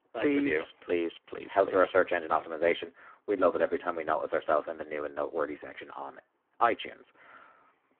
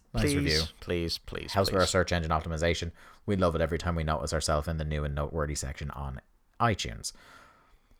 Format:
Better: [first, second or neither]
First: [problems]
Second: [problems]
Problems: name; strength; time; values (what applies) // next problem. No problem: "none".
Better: second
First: phone-call audio; poor line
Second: none